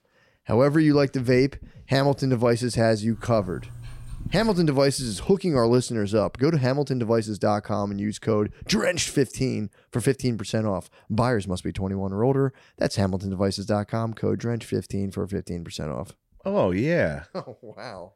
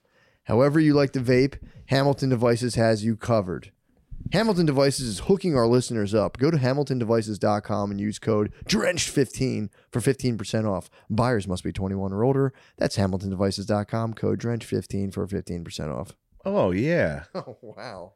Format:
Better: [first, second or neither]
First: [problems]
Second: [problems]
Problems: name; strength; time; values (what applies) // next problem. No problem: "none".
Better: second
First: dog barking; faint; from 3 to 4.5 s; peak 15 dB below the speech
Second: none